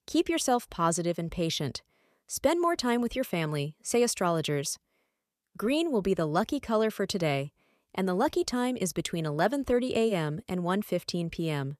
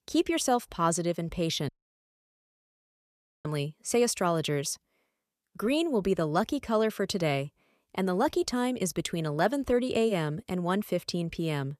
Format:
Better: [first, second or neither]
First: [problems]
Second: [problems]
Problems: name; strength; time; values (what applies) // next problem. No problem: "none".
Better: first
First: none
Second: audio cutting out; at 1.5 s for 2 s